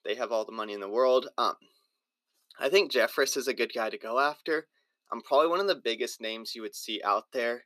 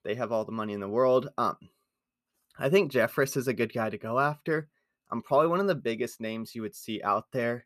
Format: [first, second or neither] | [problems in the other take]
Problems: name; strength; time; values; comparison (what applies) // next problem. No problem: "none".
second | thin; somewhat; fading below 300 Hz